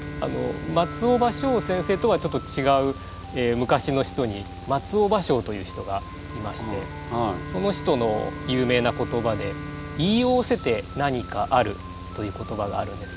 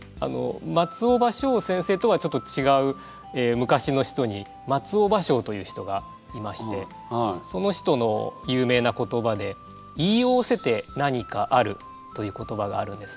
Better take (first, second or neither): second